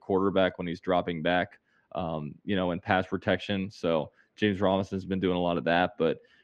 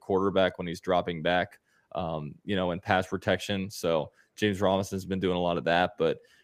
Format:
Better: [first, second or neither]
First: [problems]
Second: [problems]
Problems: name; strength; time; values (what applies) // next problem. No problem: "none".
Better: second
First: muffled; very slightly; fading above 3 kHz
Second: none